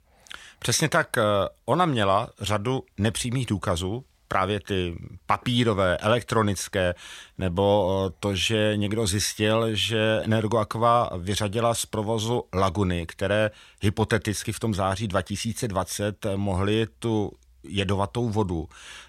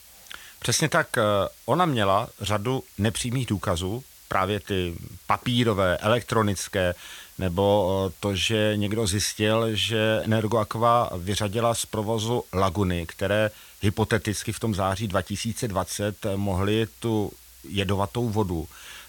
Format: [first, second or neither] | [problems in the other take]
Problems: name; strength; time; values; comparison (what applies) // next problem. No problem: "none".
first | hiss; faint; throughout; 20 dB below the speech